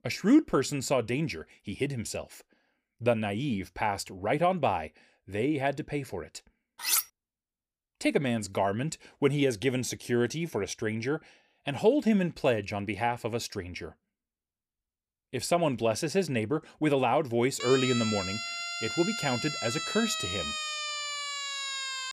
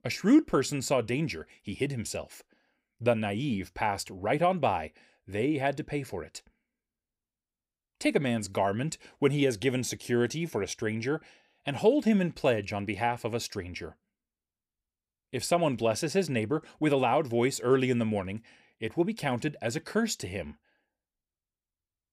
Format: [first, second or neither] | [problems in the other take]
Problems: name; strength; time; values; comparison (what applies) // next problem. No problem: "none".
second | clattering dishes; loud; at 7 s; peak 3 dB above the speech // siren; noticeable; from 18 s on; peak 2 dB below the speech